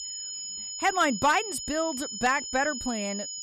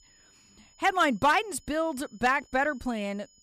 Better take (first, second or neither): second